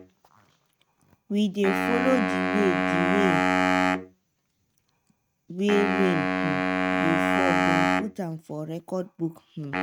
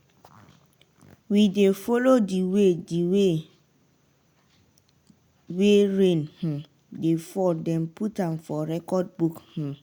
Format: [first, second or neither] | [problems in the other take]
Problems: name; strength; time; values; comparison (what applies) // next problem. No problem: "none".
second | noise reduction (neural mask model RNNoise)